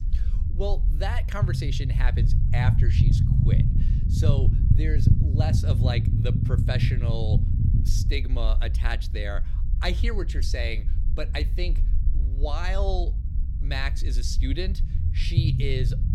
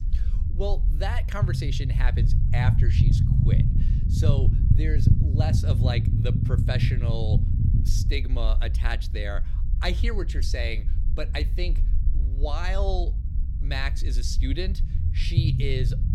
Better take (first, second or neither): neither